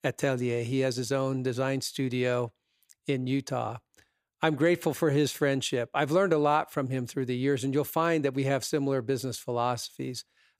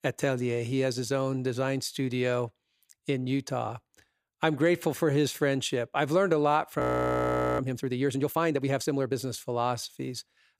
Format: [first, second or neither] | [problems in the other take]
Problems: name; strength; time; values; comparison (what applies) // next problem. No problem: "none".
first | audio freezing; at 7 s for 1 s